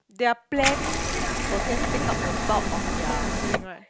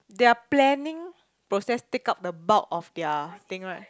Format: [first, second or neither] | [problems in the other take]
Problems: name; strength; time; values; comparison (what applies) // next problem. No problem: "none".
second | background sound (Liquid); 4 dB above the speech